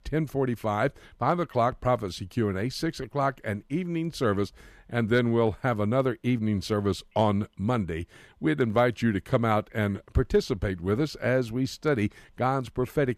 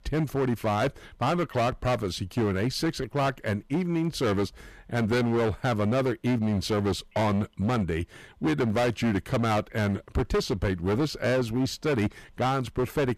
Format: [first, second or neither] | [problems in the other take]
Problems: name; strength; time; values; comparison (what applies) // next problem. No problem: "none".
first | distortion; heavy; 17% of the sound clipped